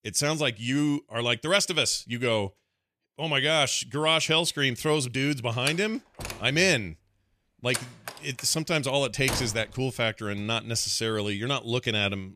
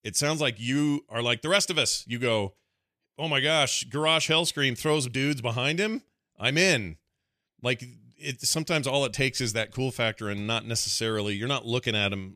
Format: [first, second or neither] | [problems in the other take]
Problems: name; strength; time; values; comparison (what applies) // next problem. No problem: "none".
second | door banging; noticeable; from 5.5 to 9.5 s; peak 6 dB below the speech